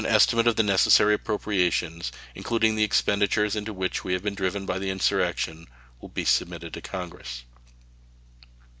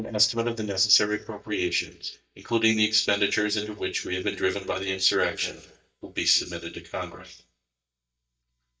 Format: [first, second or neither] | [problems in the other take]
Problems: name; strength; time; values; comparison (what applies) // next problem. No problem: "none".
first | noise reduction (neural mask model DeepFilterNet 3)